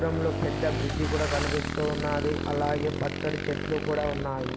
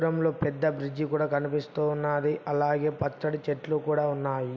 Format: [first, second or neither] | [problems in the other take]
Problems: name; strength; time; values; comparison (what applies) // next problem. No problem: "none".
second | background sound (Motorcycle / Engine); 1 dB below the speech